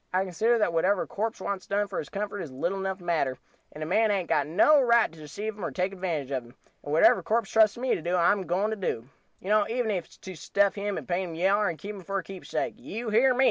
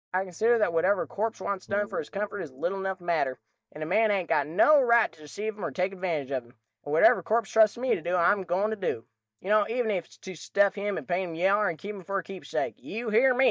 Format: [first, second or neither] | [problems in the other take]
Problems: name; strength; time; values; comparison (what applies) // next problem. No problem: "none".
first | noise reduction (neural mask model DeepFilterNet 3)